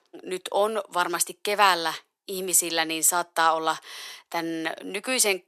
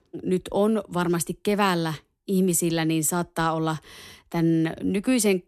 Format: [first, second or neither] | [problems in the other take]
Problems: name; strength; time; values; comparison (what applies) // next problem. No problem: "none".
second | thin; very; fading below 750 Hz